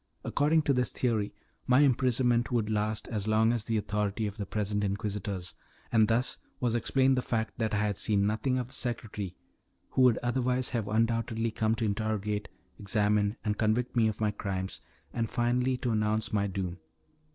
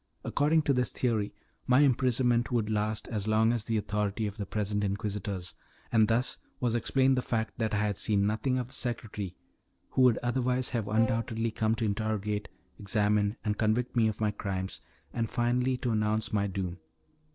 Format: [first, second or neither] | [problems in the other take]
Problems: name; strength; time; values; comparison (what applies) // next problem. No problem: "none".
first | background sound (Brass instrument); 16 dB below the speech